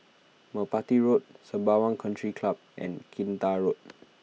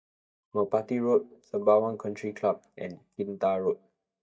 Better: first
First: none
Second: noise reduction (neural mask model DeepFilterNet 3)

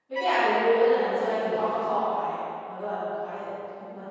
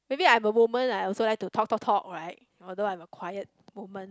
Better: second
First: background sound (Bowed string instrument); 13 dB below the speech // room echo; dies away in 2.2 s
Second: none

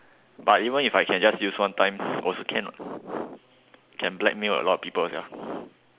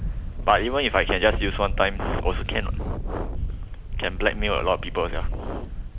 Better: first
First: none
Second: background sound (Camera); 2 dB below the speech

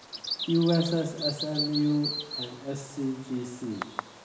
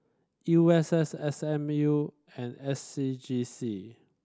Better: second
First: background sound (Bird vocalization, bird call, bird song); 7 dB below the speech // room echo; dies away in 1 s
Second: none

